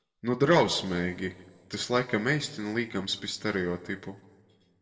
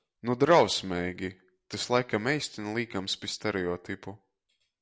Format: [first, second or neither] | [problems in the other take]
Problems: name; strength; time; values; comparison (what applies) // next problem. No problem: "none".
second | room echo; dies away in 1.1 s